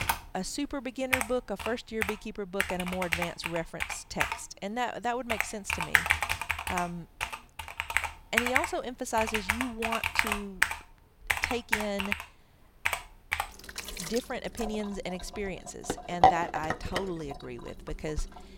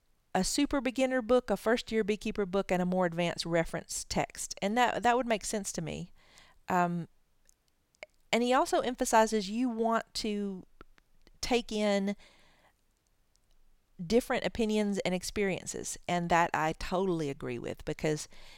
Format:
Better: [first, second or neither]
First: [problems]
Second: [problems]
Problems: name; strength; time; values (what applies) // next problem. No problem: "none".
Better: second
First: household noises; very loud; throughout; 4 dB above the speech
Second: none